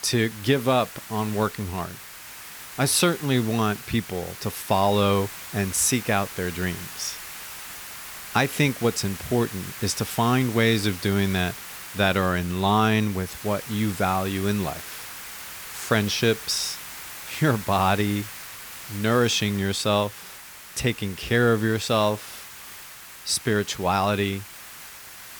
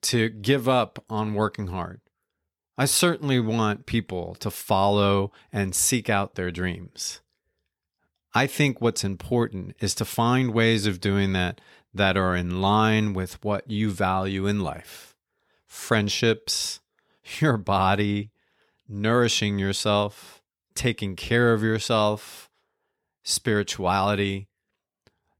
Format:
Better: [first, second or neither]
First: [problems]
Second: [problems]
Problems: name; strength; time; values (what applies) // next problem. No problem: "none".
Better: second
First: hiss; noticeable; throughout; 15 dB below the speech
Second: none